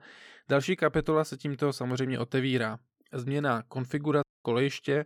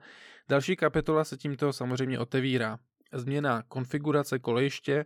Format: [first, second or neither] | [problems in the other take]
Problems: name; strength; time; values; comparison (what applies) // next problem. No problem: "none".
second | audio cutting out; at 4 s